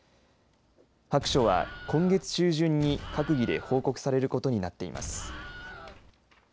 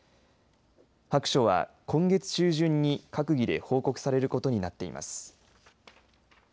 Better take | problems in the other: second | background sound (Explosion); 12 dB below the speech

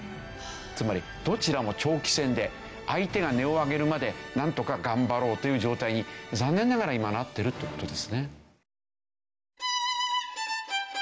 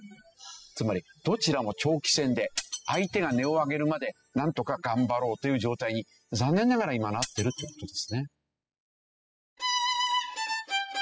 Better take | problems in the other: first | noise reduction (classical method spectral subtraction)

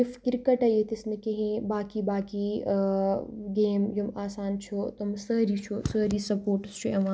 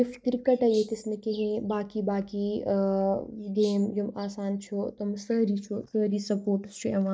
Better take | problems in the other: first | noise reduction (neural mask model DeepFilterNet 3)

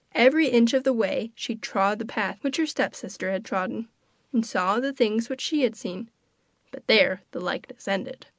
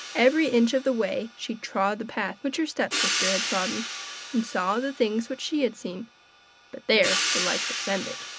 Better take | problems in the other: first | background sound (Hi-hat); 6 dB below the speech

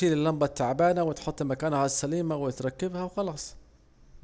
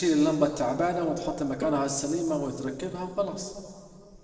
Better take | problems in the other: first | noise reduction (neural separator model SepFormer DNS4)

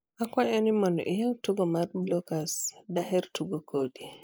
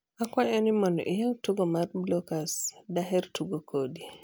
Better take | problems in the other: second | noise reduction (neural mask model Resemble Enhance denoiser)

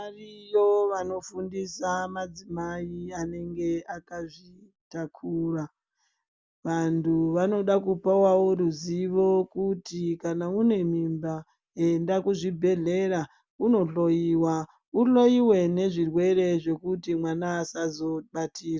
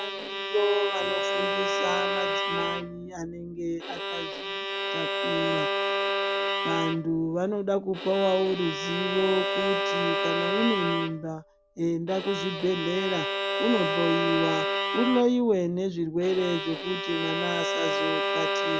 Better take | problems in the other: first | background sound (Bowed string instrument); 1 dB below the speech

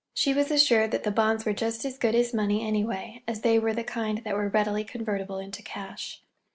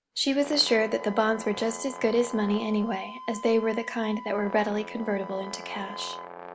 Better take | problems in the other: first | background sound (Wind instrument, woodwind instrument + Brass instrument); 13 dB below the speech

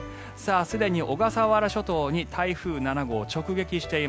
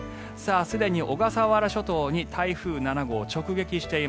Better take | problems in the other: first | background sound (Wind instrument, woodwind instrument); 19 dB below the speech

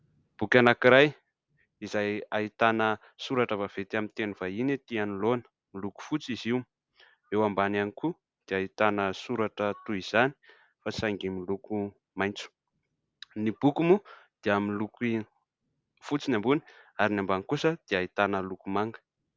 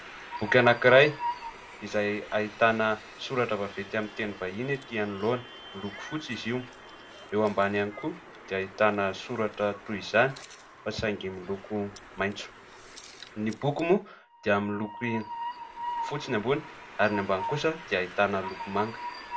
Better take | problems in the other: first | background sound (Train); 12 dB below the speech // room echo; dies away in 0.2 s

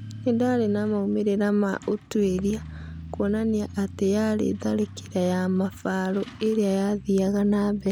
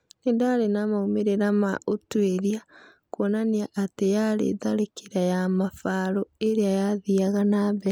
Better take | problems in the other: second | background sound (Truck); 16 dB below the speech

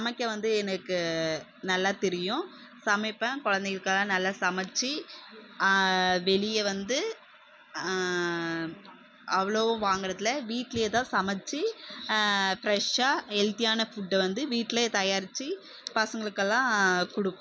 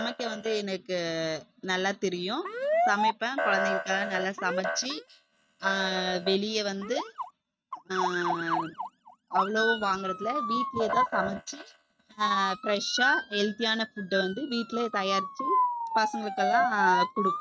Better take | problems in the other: first | noise reduction (neural mask model RNNoise)

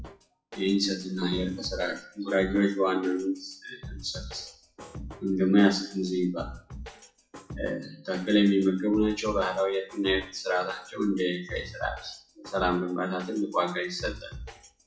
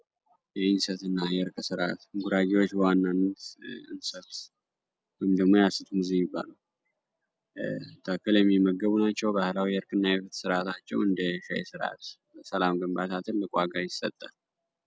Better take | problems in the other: second | noise reduction (classical method WPE with log-MMSE)

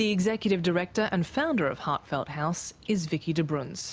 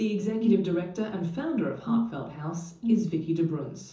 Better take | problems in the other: first | background sound (Brass instrument); 1 dB below the speech // room echo; dies away in 0.6 s

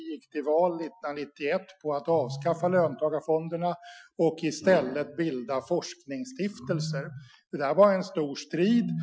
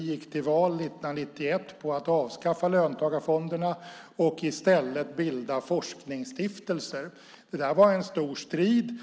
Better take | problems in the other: second | noise reduction (classical method Wiener filter)

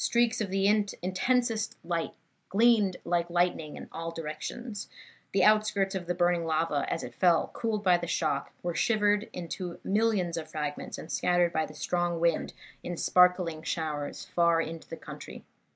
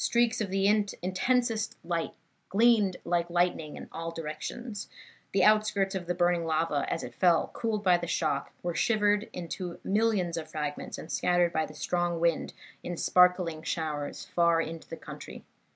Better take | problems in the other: second | noise reduction (neural mask model Resemble Enhance denoiser)

